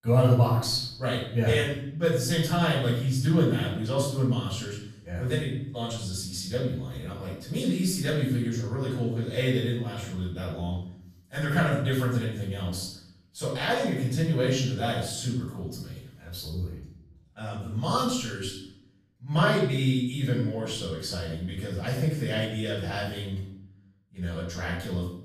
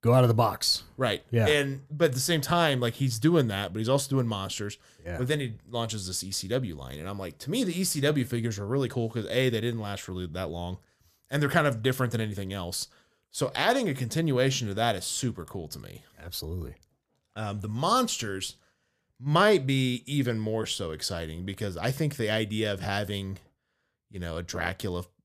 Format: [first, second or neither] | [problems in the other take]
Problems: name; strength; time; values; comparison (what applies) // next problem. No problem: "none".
second | off-mic speech; far // room echo; noticeable; dies away in 0.7 s